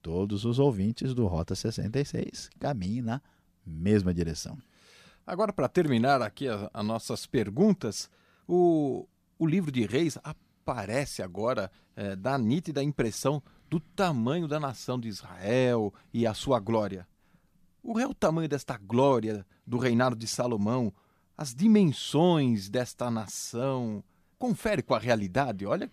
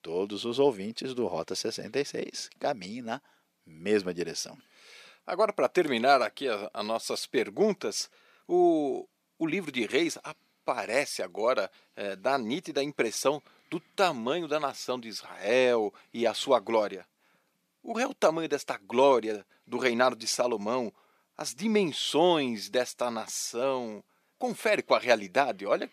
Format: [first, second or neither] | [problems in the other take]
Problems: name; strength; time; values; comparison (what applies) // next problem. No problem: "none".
first | thin; somewhat; fading below 400 Hz